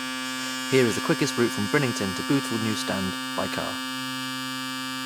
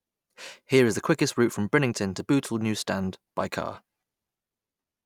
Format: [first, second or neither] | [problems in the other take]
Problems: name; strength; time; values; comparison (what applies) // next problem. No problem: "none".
second | background sound (Domestic sounds, home sounds); 3 dB below the speech